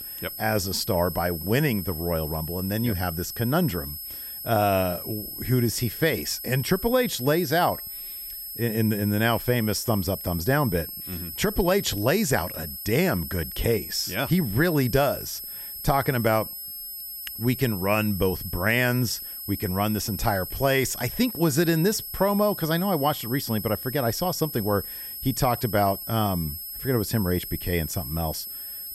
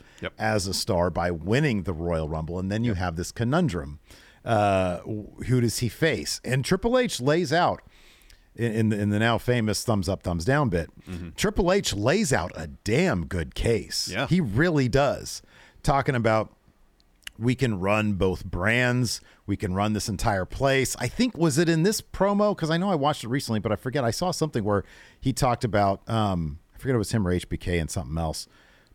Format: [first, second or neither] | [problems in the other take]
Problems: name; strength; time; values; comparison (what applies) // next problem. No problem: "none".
second | high-pitched whine; loud; throughout; 11.5 kHz, 8 dB below the speech